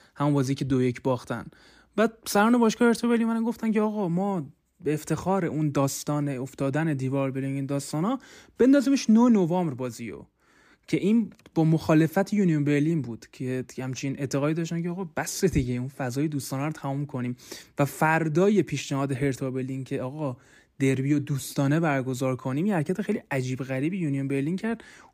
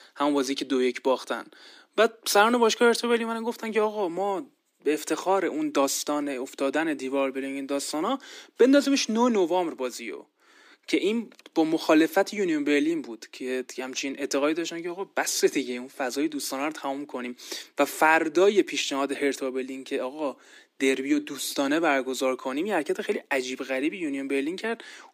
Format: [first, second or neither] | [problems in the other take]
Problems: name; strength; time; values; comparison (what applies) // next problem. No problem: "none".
first | thin; somewhat; fading below 300 Hz